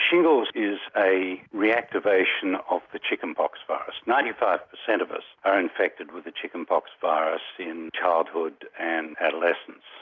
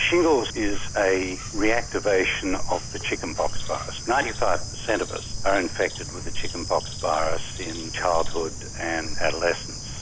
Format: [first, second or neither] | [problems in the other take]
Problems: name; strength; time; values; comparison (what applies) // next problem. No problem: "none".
first | background sound (Bird / Insect); 3 dB below the speech